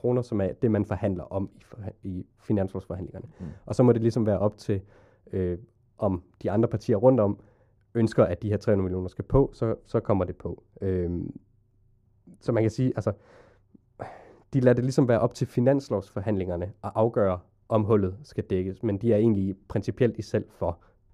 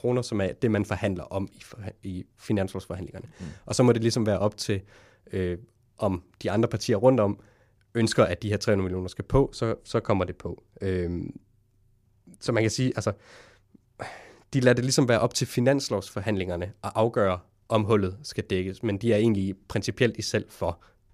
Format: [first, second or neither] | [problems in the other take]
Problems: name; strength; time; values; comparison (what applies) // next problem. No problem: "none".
second | muffled; slightly; fading above 1.5 kHz